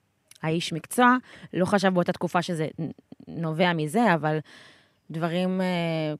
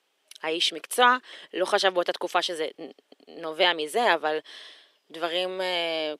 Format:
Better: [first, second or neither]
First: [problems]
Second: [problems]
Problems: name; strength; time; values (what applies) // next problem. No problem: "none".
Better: first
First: none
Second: thin; very; fading below 400 Hz